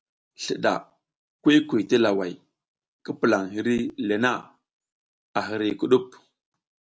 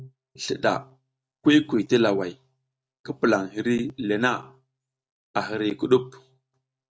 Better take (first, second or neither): first